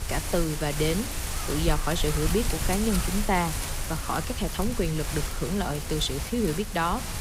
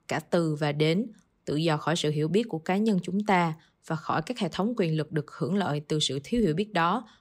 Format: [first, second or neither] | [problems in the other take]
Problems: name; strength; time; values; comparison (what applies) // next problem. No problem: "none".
second | wind noise on the microphone; heavy; 4 dB below the speech